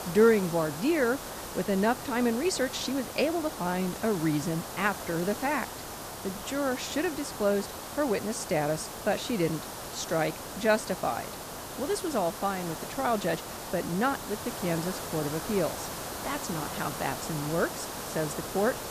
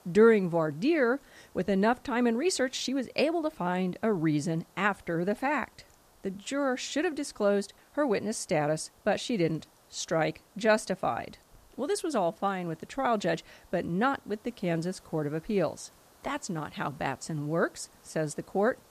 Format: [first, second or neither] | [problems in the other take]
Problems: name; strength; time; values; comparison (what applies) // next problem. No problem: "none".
second | hiss; loud; throughout; 7 dB below the speech; faint in the second